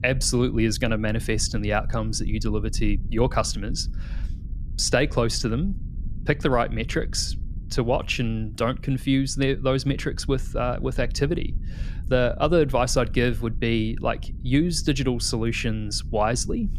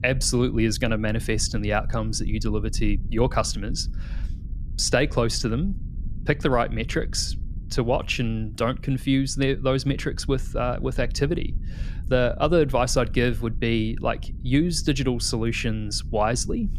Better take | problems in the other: neither | low rumble; faint; throughout; 25 dB below the speech; the same in both

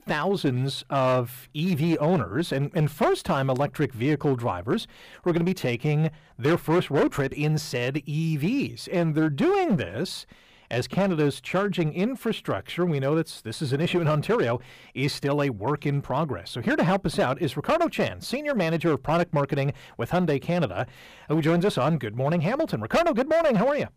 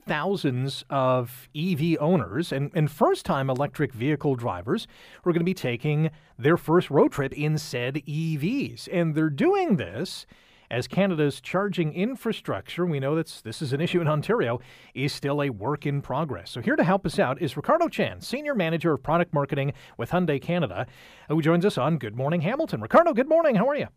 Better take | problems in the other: second | distortion; slight; 8% of the sound clipped

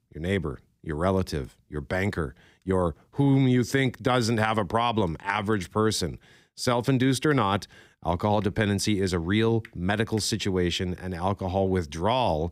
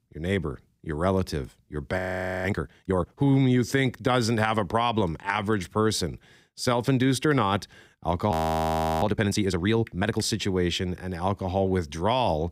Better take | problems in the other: first | audio freezing; at 2 s and at 8.5 s for 0.5 s

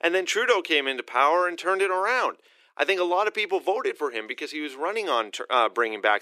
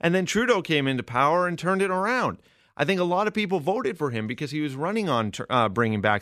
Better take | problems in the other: second | thin; very; fading below 350 Hz

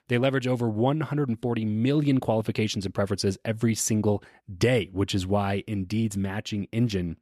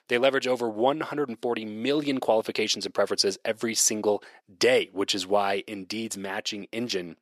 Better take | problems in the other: first | thin; somewhat; fading below 450 Hz

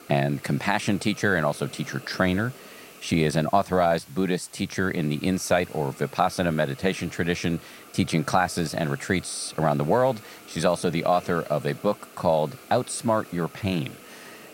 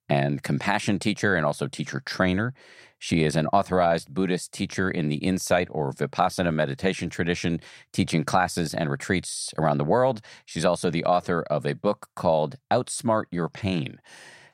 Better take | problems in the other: second | hiss; noticeable; throughout; 20 dB below the speech

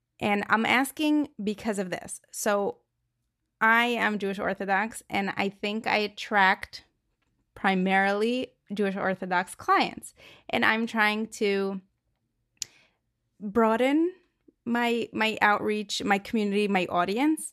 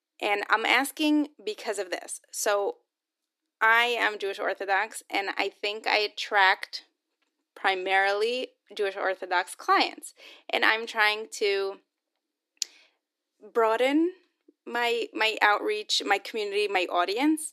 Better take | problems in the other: first | thin; somewhat; fading below 300 Hz

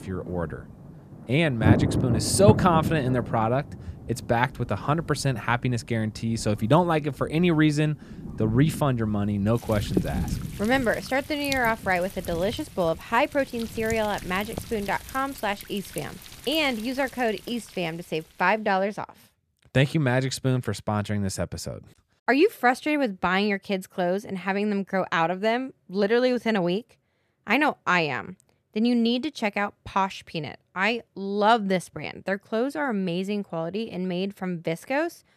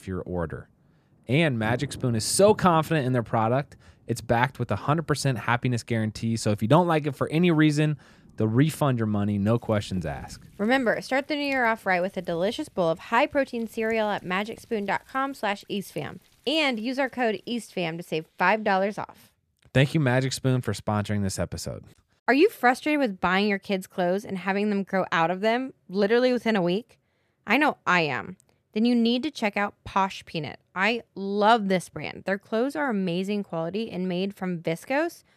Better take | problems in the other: second | rain or running water; loud; until 18 s; 6 dB below the speech; faint in the second

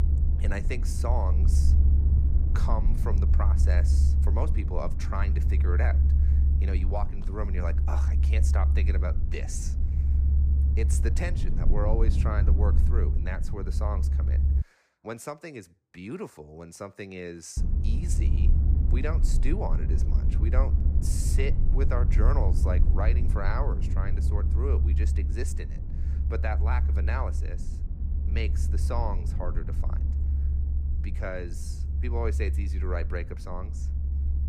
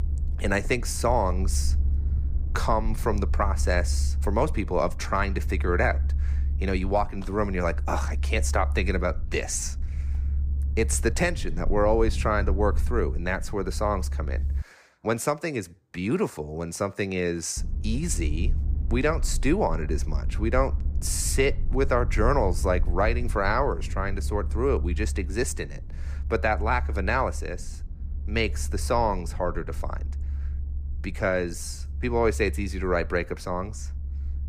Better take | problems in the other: second | low rumble; loud; until 15 s and from 18 s on; 6 dB below the speech; faint in the second

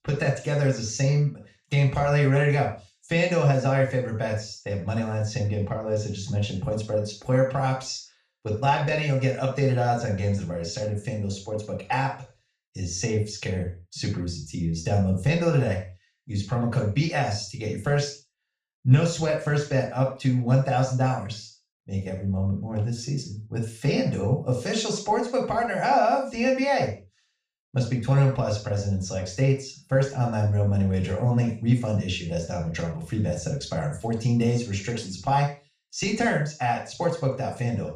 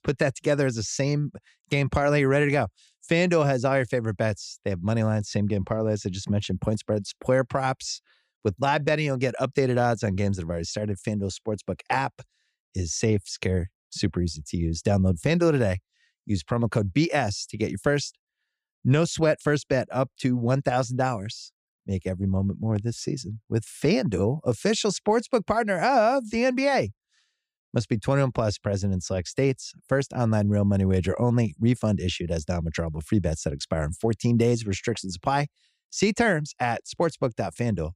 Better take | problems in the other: second | room echo; noticeable; dies away in 0.4 s // off-mic speech; far

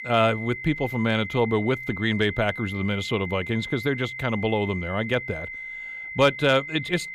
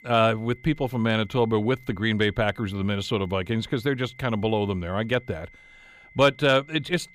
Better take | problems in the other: second | high-pitched whine; loud; throughout; 2 kHz, 9 dB below the speech; faint in the second

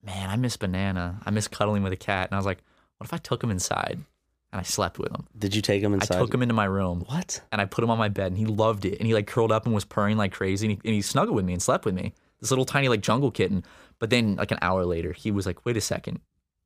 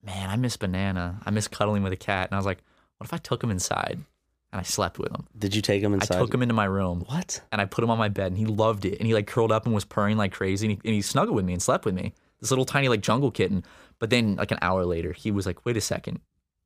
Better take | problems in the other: neither | none

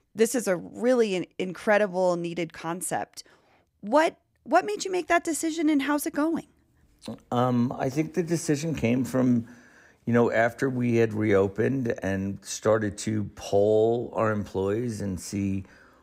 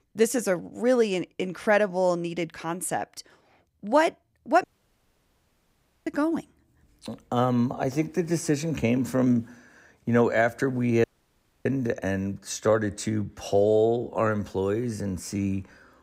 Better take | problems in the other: first | audio cutting out; at 4.5 s for 1.5 s and at 11 s for 0.5 s

